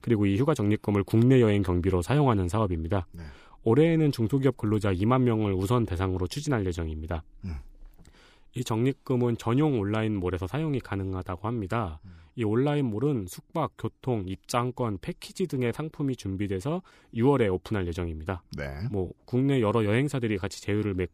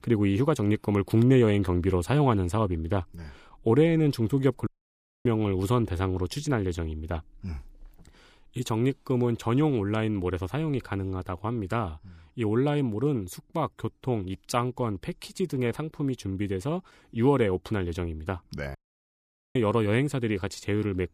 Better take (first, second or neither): first